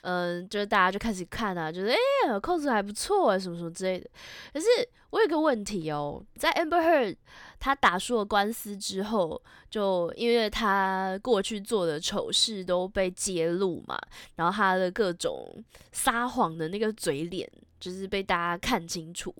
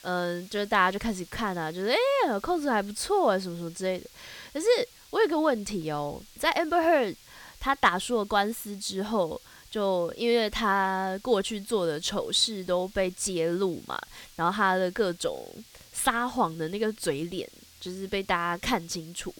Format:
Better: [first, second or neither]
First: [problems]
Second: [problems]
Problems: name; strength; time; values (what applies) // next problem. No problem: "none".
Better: first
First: none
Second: hiss; faint; throughout; 25 dB below the speech